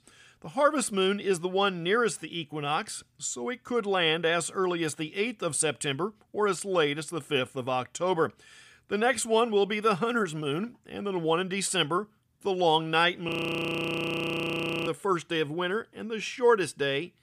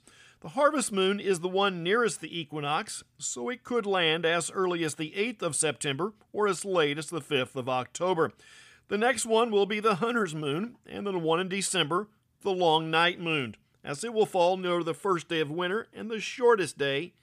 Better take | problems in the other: second | audio freezing; at 13 s for 1.5 s

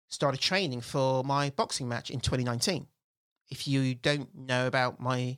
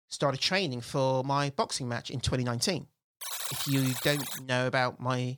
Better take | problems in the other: first | alarm; noticeable; from 3 to 4.5 s; peak 3 dB below the speech

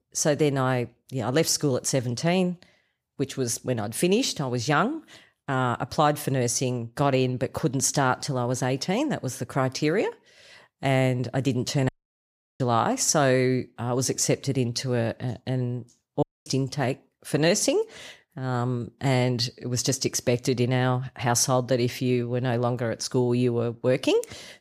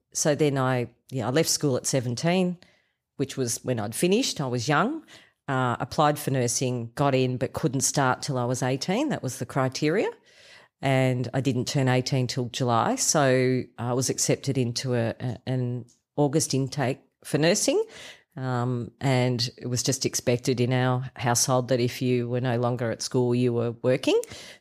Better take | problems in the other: second | audio cutting out; at 12 s for 0.5 s and at 16 s

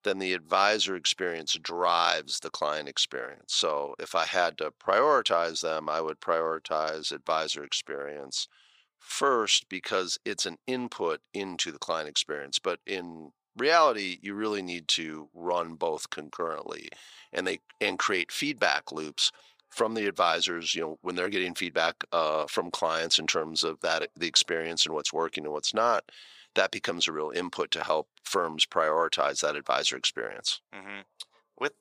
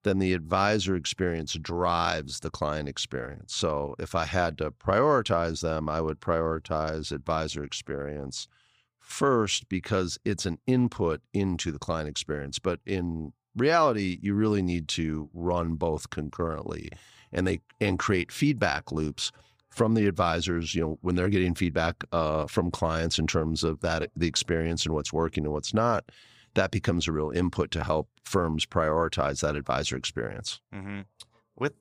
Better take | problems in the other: second | thin; somewhat; fading below 500 Hz

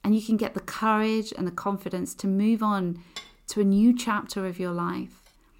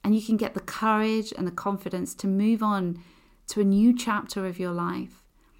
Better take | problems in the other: second | clattering dishes; faint; at 3 s; peak 15 dB below the speech

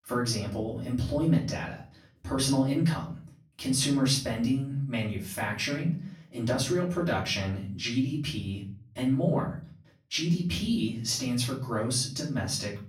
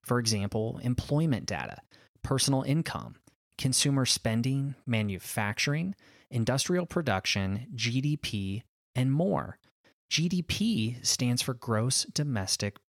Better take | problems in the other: second | off-mic speech; far // room echo; slight; dies away in 0.4 s

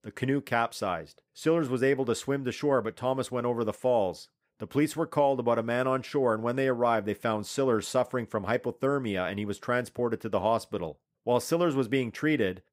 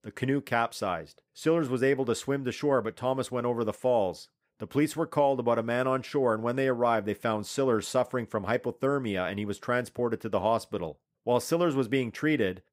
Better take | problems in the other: neither | none

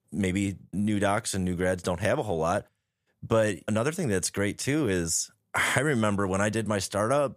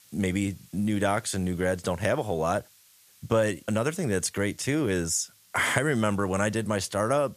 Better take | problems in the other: first | hiss; faint; throughout; 30 dB below the speech

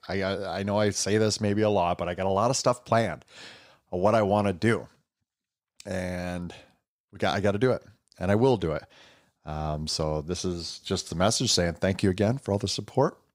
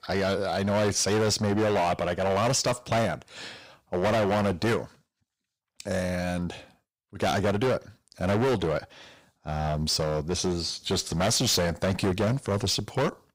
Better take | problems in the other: first | distortion; heavy; 16% of the sound clipped

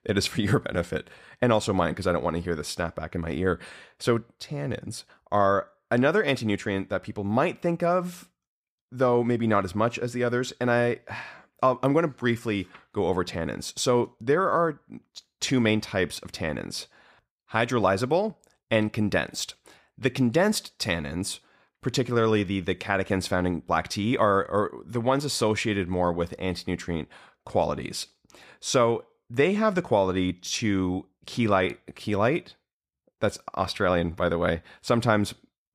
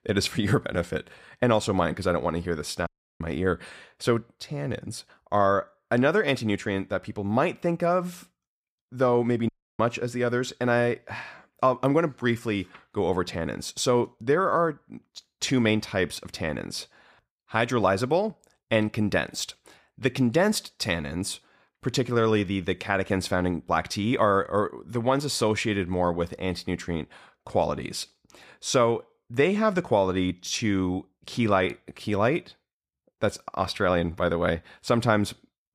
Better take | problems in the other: first | audio cutting out; at 3 s and at 9.5 s

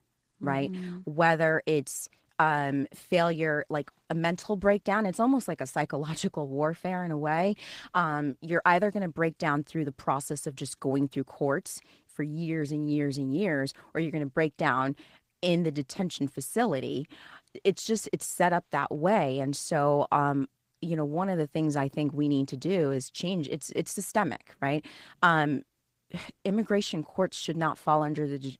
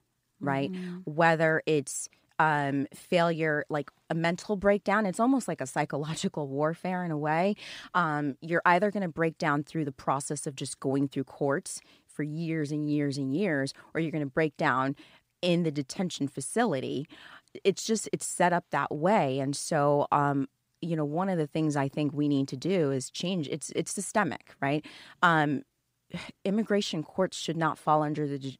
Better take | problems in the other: second | garbled, watery; slightly; nothing above 15.5 kHz

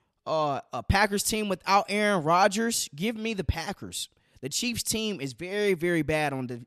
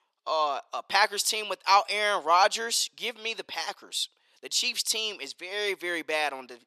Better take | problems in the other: first | thin; very; fading below 450 Hz

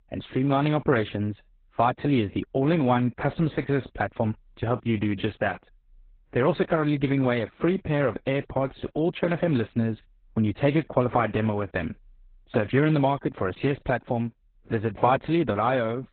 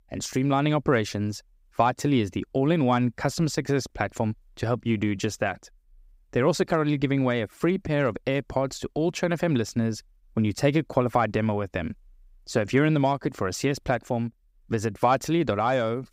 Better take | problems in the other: second | garbled, watery; badly; nothing above 4 kHz

